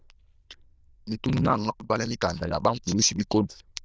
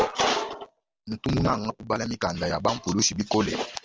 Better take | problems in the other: second | noise reduction (neural diffusion model UNIVERSE++)

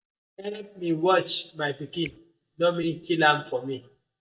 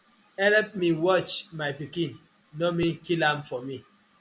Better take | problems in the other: second | noise reduction (neural mask model DeepFilterNet 3)

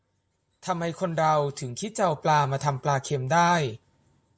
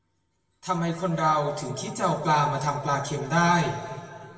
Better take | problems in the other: first | room echo; dies away in 2.1 s

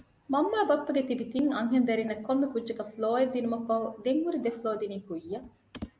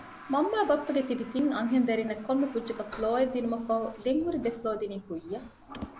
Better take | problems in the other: first | background sound (Toilet flush); 19 dB below the speech

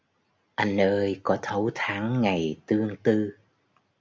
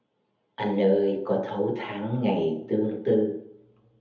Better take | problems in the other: first | room echo; dies away in 0.7 s

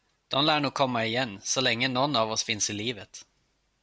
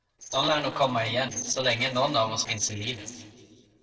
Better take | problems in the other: first | noise reduction (neural separator model SepFormer DNS4)

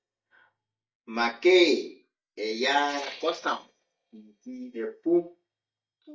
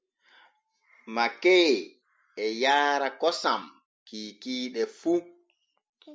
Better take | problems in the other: second | noise reduction (neural mask model DeepFilterNet 3)

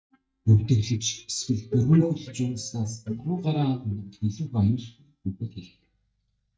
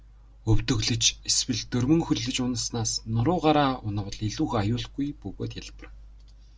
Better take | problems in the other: second | noise reduction (neural mask model DeepFilterNet 3)

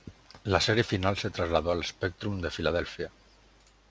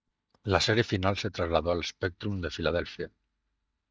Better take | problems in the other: first | noise reduction (neural mask model DeepFilterNet 3)

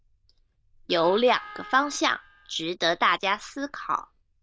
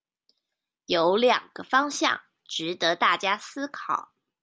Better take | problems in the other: second | noise reduction (neural diffusion model UNIVERSE++)

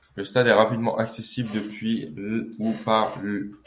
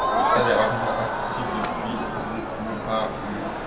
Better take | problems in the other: first | background sound (Crowd); 3 dB above the speech // room echo; dies away in 1.9 s

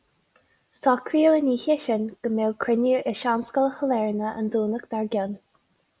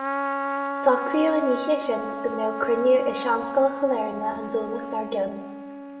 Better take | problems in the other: first | background sound (Trumpet); 6 dB below the speech // room echo; dies away in 0.8 s

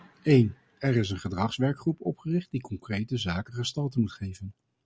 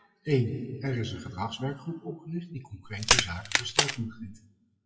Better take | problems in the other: first | noise reduction (classical method WPE with log-MMSE)

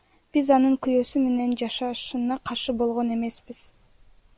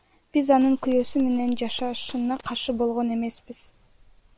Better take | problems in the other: first | background sound (Gunshot, gunfire); 13 dB below the speech

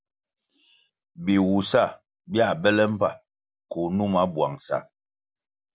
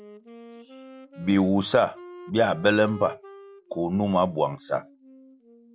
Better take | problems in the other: first | background sound (Wind instrument, woodwind instrument); 20 dB below the speech

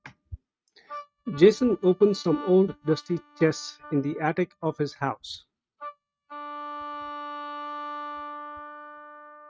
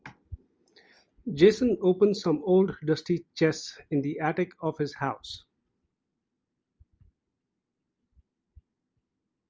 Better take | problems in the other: second | noise reduction (neural mask model RNNoise)

